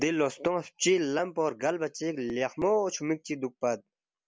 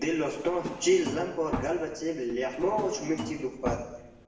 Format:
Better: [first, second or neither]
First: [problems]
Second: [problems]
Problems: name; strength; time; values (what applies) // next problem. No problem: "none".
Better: first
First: none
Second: background sound (Drawer open or close); 9 dB below the speech // room echo; dies away in 0.9 s